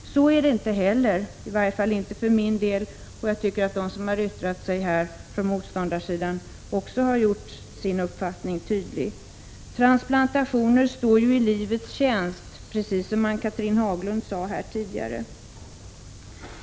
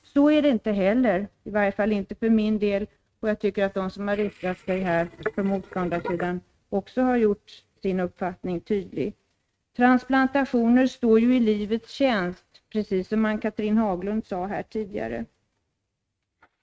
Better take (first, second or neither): first